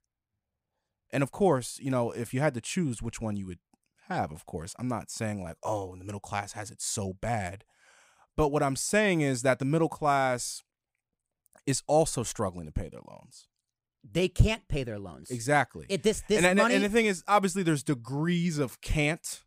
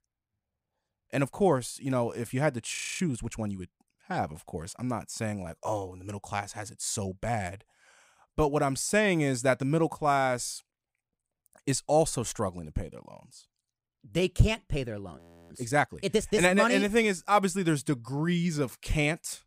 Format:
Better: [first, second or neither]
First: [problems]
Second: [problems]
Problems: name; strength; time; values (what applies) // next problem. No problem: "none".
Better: first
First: none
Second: audio freezing; at 3 s and at 15 s